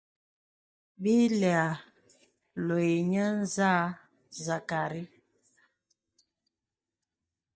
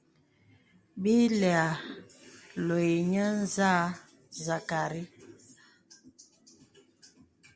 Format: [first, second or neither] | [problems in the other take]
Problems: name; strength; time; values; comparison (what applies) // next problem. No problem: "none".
second | noise reduction (neural mask model DeepFilterNet 3)